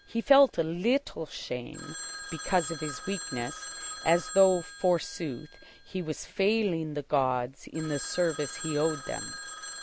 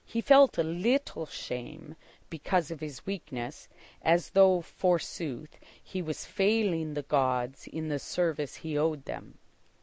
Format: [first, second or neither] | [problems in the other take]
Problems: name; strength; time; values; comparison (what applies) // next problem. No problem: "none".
second | background sound (Telephone); 12 dB below the speech